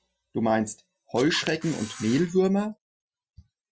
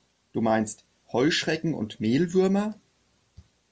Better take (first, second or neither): second